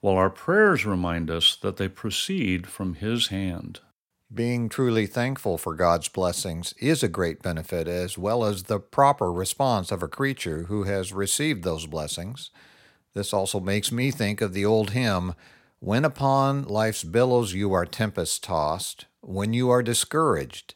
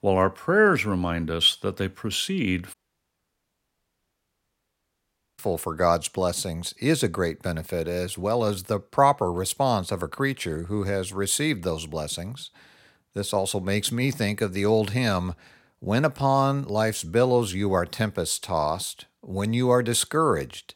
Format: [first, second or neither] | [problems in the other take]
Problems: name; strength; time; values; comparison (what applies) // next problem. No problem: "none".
first | audio cutting out; at 2.5 s for 2.5 s